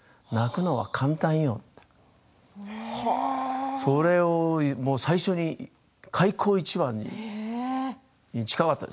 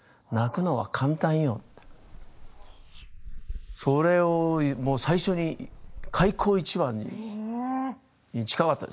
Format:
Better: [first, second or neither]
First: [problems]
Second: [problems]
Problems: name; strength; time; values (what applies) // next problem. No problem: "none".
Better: first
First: none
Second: noise reduction (neural mask model Resemble Enhance denoiser)